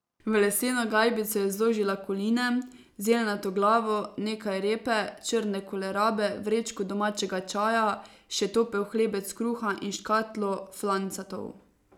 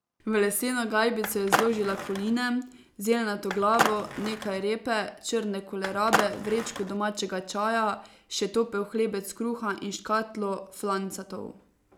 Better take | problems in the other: first | background sound (Skateboard); 2 dB below the speech

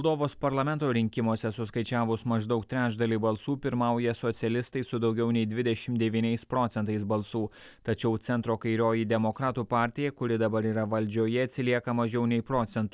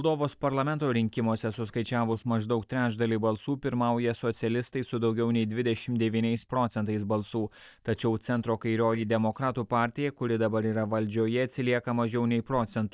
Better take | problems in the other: first | noise reduction (neural mask model DeepFilterNet 3)

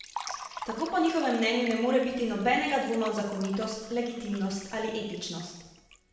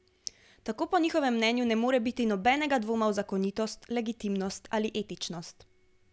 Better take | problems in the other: second | background sound (Liquid); 15 dB below the speech // room echo; dies away in 0.9 s

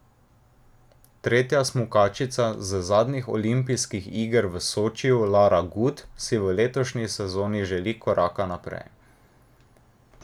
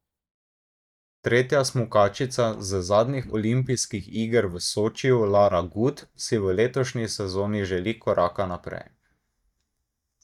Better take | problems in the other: first | noise reduction (neural mask model DeepFilterNet 3)

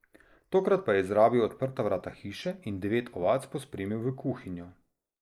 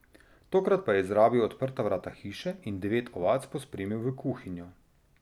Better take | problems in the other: second | noise reduction (neural mask model Resemble Enhance denoiser)

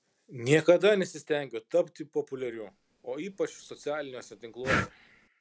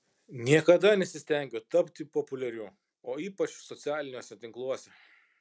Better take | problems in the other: second | background sound (Breathing); 8 dB below the speech

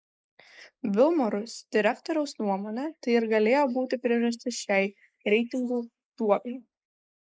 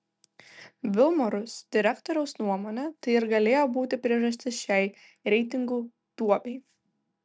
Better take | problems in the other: second | noise reduction (neural mask model Resemble Enhance denoiser)

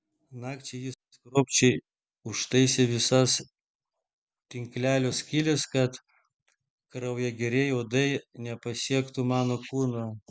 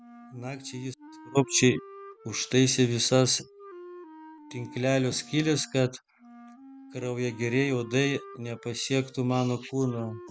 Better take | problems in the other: first | background sound (Wind instrument, woodwind instrument); 19 dB below the speech

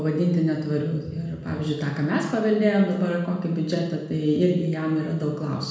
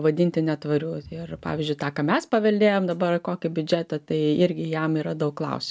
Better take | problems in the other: second | room echo; dies away in 1 s

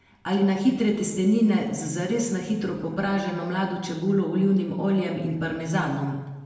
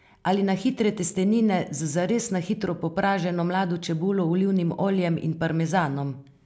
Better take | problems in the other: second | room echo; dies away in 1 s

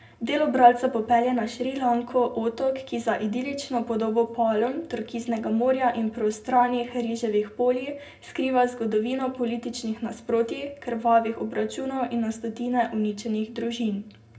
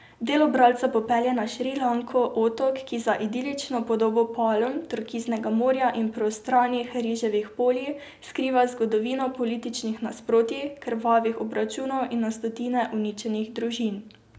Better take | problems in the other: second | room echo; dies away in 0.2 s

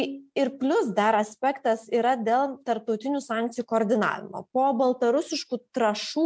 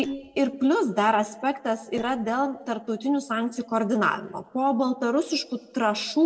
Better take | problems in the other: first | noise reduction (neural separator model SepFormer DNS4)

